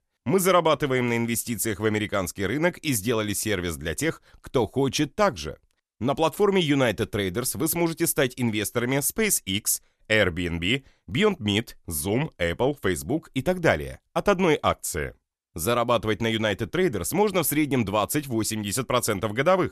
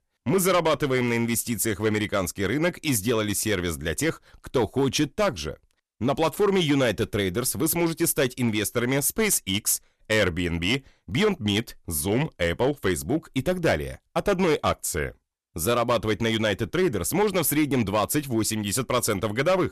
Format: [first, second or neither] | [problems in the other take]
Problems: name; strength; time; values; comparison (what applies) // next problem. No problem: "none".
first | distortion; slight; 5% of the sound clipped